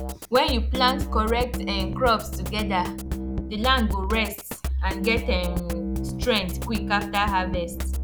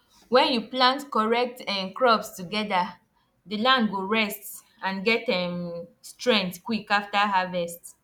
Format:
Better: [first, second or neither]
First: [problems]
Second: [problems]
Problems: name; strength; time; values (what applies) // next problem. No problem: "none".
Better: second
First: background sound (Drum kit); 2 dB below the speech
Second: none